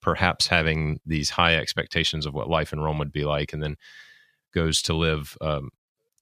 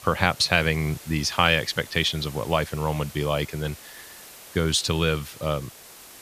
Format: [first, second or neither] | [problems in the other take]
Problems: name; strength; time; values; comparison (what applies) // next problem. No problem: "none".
first | hiss; noticeable; throughout; 20 dB below the speech